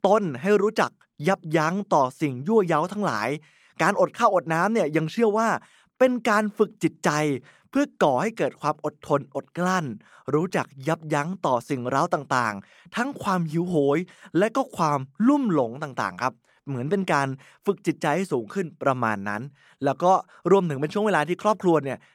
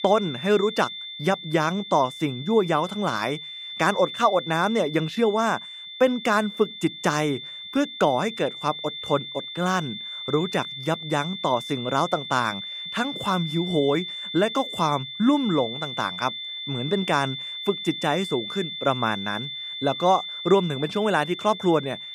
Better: first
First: none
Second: high-pitched whine; loud; throughout; 3.5 kHz, 8 dB below the speech

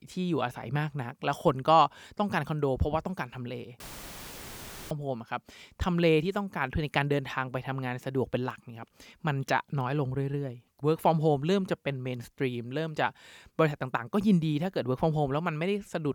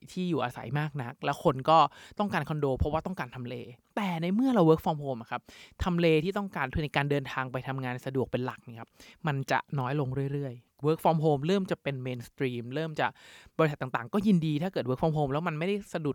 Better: second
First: audio cutting out; filled with static; at 4 s for 1 s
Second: none

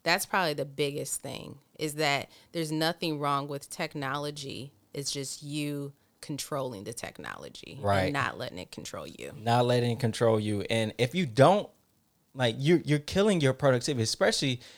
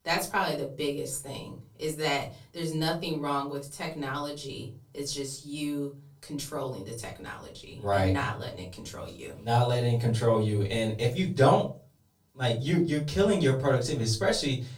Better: first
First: none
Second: off-mic speech; far // room echo; very slight; dies away in 0.3 s

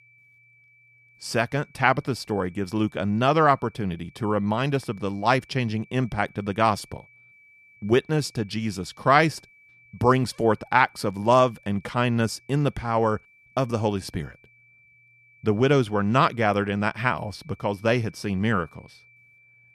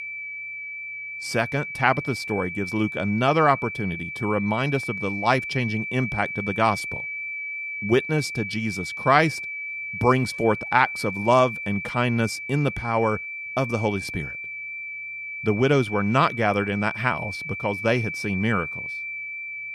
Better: first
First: high-pitched whine; faint; throughout; 2.5 kHz, 30 dB below the speech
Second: high-pitched whine; loud; throughout; 2.5 kHz, 7 dB below the speech

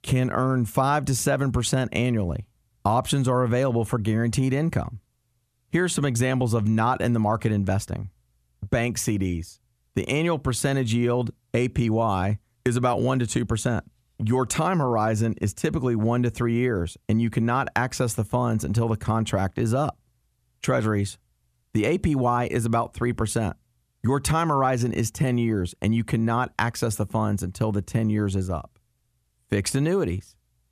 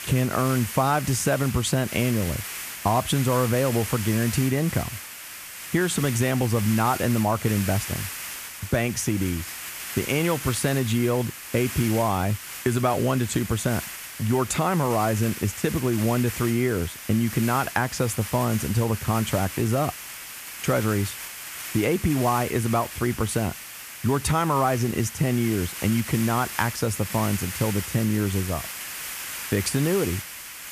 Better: first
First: none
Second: hiss; loud; throughout; 9 dB below the speech

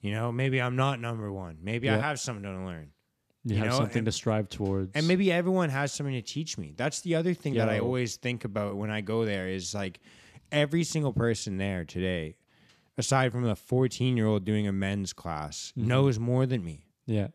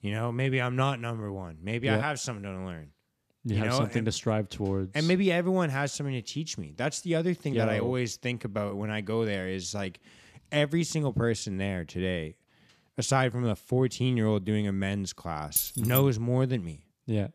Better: first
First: none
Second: jangling keys; loud; at 16 s; peak 1 dB above the speech

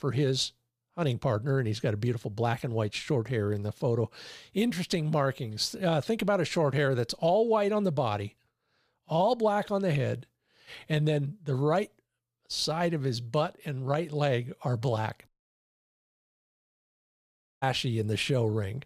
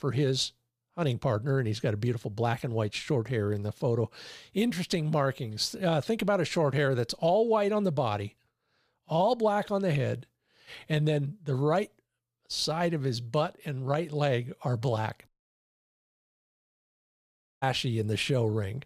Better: neither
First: audio cutting out; at 15 s for 2.5 s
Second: audio cutting out; at 15 s for 2.5 s

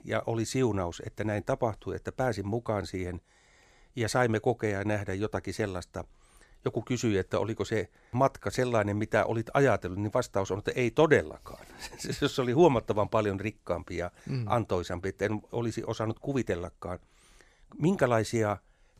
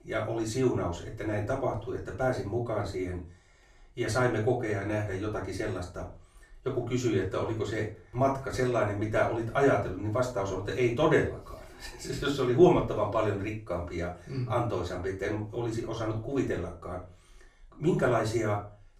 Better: first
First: none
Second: room echo; slight; dies away in 0.3 s // off-mic speech; far

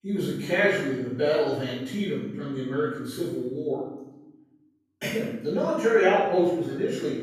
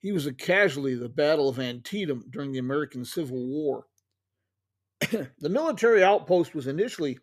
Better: second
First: off-mic speech; far // room echo; strong; dies away in 0.8 s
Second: none

